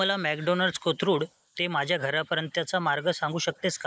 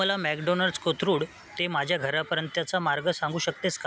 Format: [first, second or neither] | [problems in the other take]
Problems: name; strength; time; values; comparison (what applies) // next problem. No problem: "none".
second | noise reduction (neural mask model Resemble Enhance denoiser)